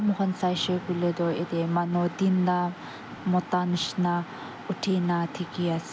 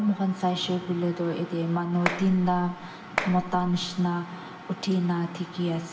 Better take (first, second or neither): first